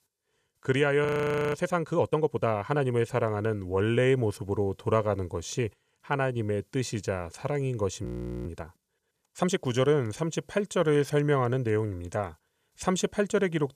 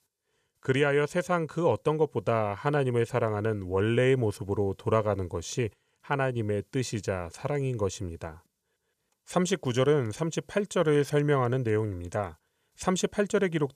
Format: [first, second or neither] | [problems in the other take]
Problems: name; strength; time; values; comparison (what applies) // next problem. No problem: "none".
second | audio freezing; at 1 s and at 8 s